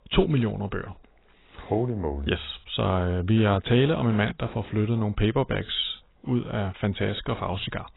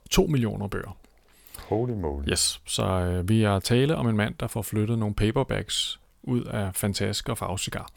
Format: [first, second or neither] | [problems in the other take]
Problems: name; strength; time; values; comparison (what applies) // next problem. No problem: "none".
second | garbled, watery; badly; nothing above 4 kHz